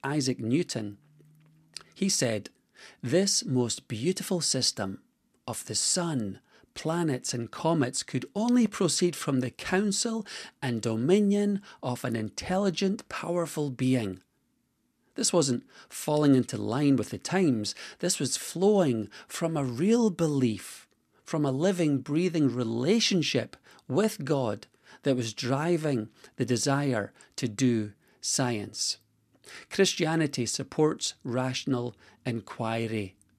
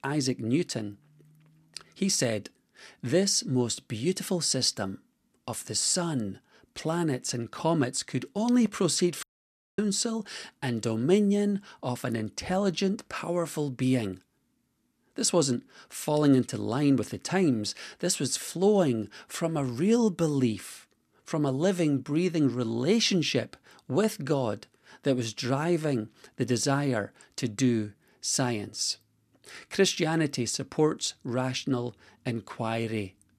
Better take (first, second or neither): first